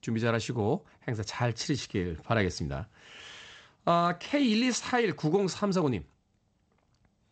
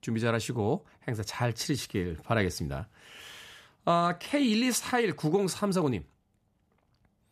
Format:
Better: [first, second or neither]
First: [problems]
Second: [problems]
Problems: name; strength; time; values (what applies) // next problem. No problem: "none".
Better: second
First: garbled, watery; slightly; nothing above 8 kHz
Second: none